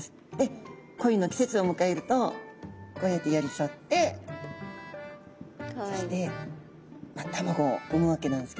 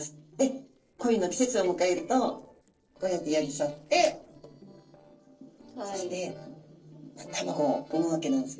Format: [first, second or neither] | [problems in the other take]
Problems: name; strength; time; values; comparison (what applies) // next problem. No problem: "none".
first | noise reduction (neural separator model SepFormer DNS4)